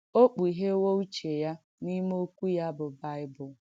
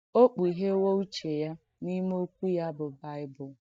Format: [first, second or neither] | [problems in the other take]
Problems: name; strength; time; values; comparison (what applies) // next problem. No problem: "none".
first | noise reduction (neural mask model DeepFilterNet 3)